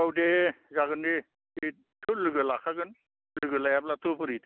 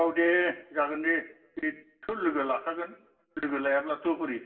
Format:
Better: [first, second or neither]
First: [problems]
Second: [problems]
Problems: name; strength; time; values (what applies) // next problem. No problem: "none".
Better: first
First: none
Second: room echo; dies away in 0.6 s